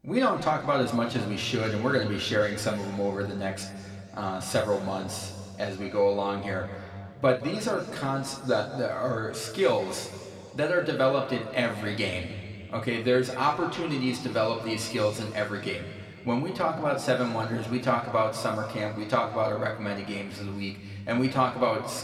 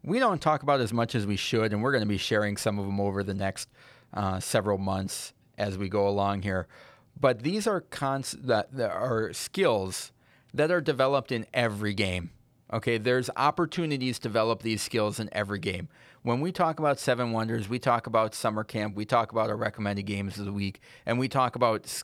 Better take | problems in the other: second | room echo; slight; dies away in 2.1 s // off-mic speech; somewhat distant

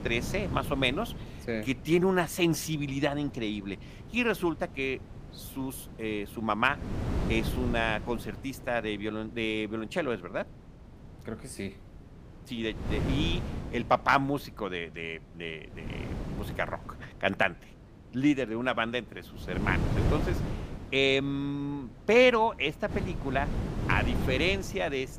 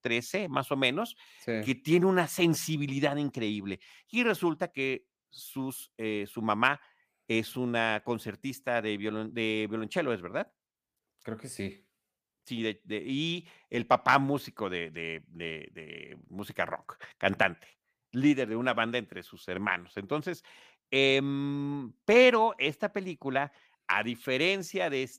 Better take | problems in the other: second | wind noise on the microphone; occasional gusts; 15 dB below the speech

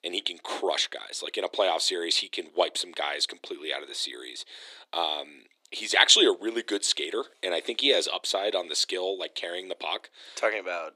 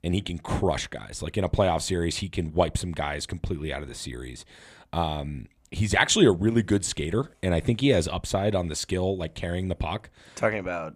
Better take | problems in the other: second | thin; very; fading below 350 Hz

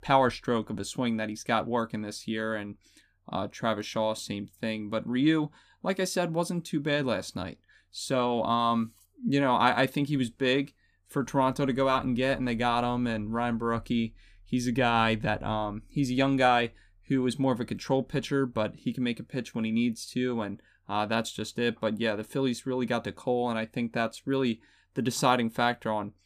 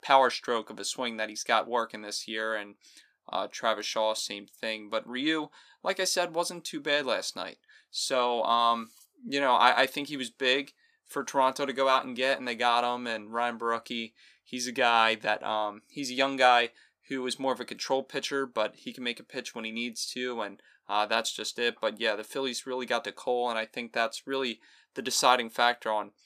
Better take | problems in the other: first | thin; somewhat; fading below 500 Hz

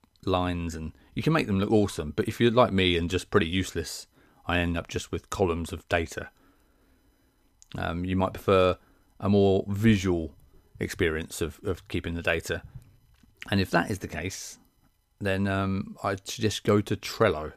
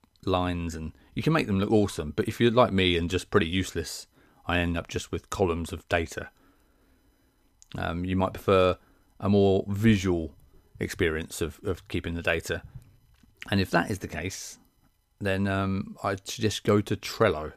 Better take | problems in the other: neither | none

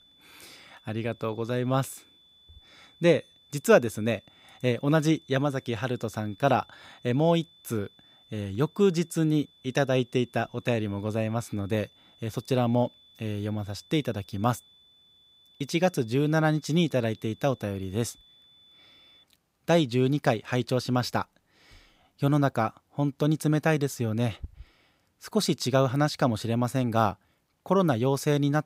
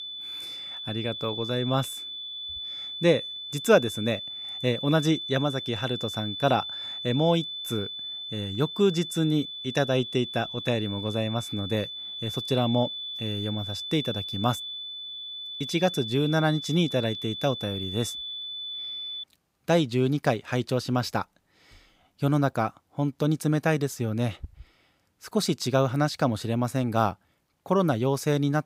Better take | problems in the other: first | high-pitched whine; loud; until 19 s; 3.5 kHz, 7 dB below the speech; faint in the first

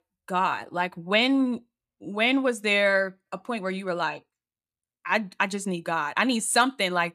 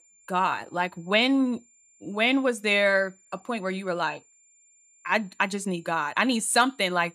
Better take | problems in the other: first | high-pitched whine; faint; throughout; 7 kHz, 30 dB below the speech

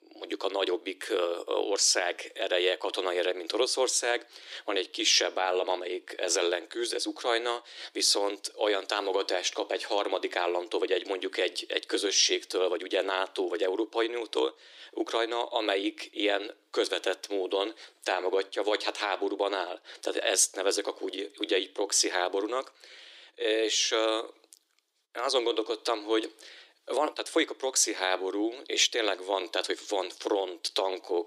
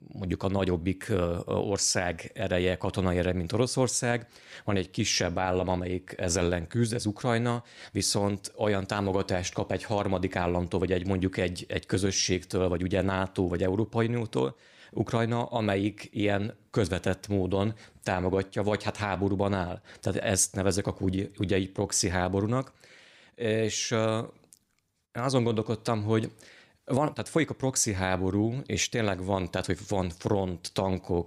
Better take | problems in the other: second | thin; very; fading below 300 Hz

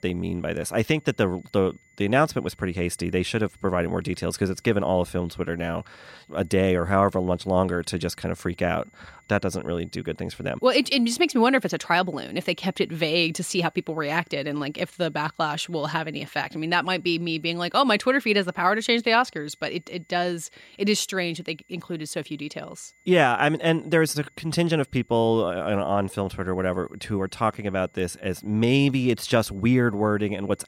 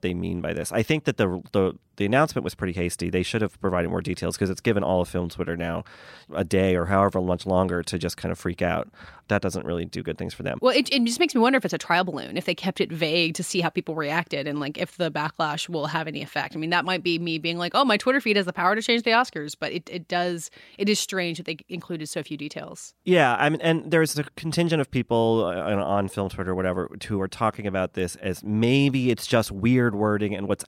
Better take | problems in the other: second | high-pitched whine; faint; throughout; 2 kHz, 35 dB below the speech

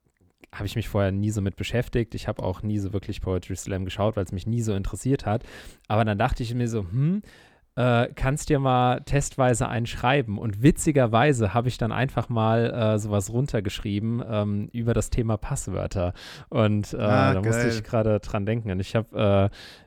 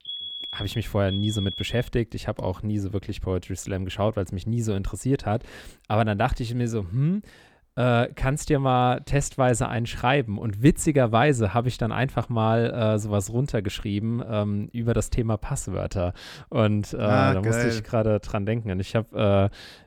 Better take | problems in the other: first | alarm; noticeable; until 2 s; peak 6 dB below the speech

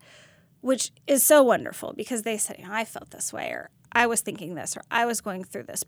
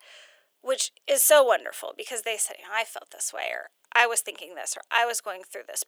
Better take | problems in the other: first | thin; very; fading below 500 Hz

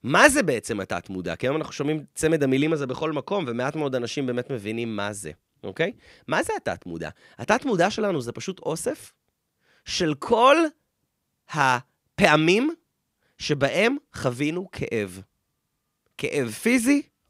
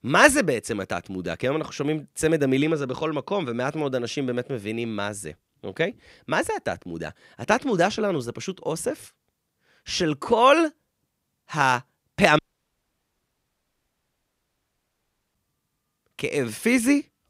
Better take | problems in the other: first | audio cutting out; at 12 s for 3 s

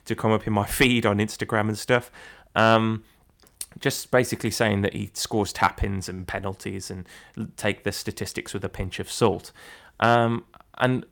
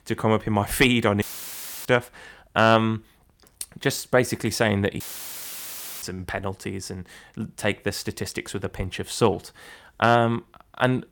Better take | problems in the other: first | audio cutting out; filled with static; at 1 s for 0.5 s and at 5 s for 1 s

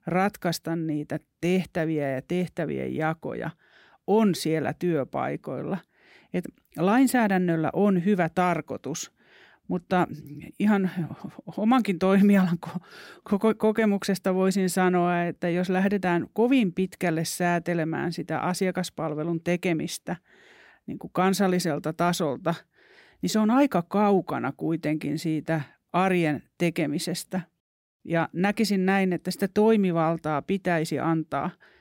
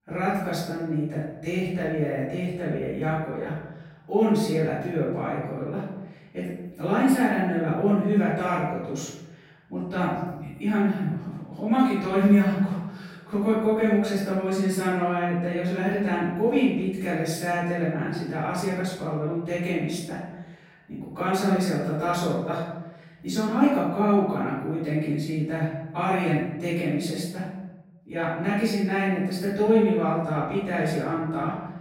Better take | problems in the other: first | off-mic speech; far // room echo; strong; dies away in 0.9 s

